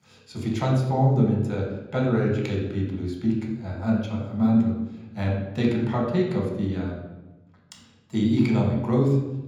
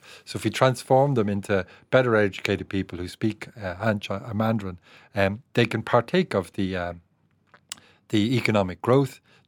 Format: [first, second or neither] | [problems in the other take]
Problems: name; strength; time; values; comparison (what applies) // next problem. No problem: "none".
second | room echo; noticeable; dies away in 1.4 s // off-mic speech; far